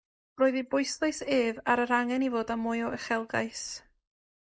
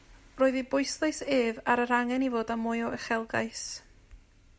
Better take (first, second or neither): second